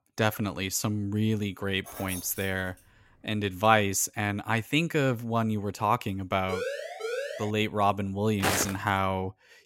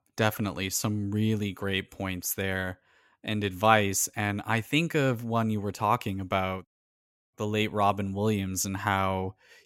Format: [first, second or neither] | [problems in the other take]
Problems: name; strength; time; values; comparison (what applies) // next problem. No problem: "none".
second | jangling keys; noticeable; at 2 s; peak 10 dB below the speech // siren; noticeable; from 6.5 to 7.5 s; peak 5 dB below the speech // footsteps; loud; at 8.5 s; peak 1 dB above the speech